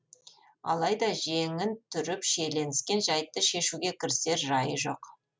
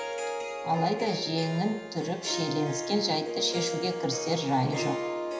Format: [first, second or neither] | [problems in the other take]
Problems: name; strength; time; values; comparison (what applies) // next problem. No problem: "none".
first | background sound (Harp); 4 dB below the speech // room echo; dies away in 0.9 s